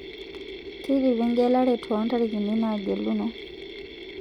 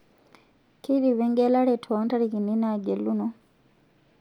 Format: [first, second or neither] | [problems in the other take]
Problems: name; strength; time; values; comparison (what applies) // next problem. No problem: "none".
second | background sound (Mechanisms); 13 dB below the speech